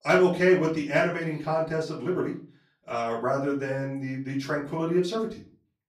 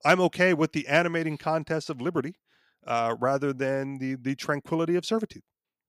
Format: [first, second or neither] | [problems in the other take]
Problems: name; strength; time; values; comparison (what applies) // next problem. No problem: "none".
second | off-mic speech; far // room echo; slight; dies away in 0.3 s